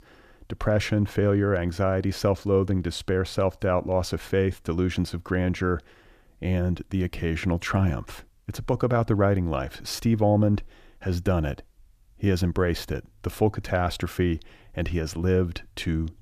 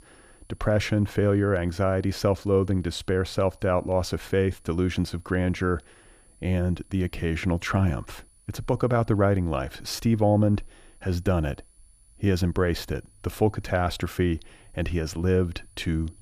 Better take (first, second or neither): first